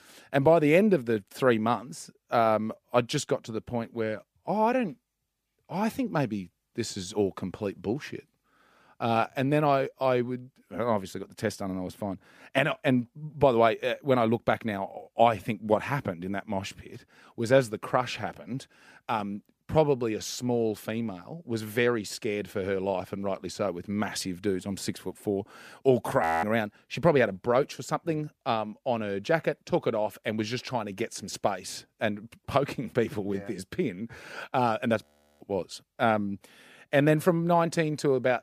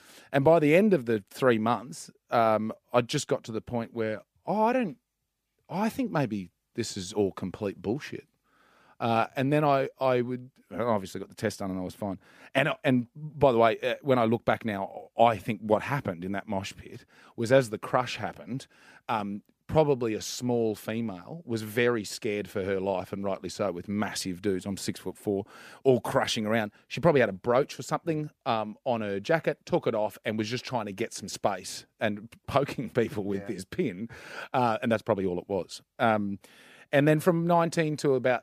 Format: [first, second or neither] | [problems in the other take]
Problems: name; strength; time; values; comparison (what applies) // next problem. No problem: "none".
second | audio freezing; at 26 s and at 35 s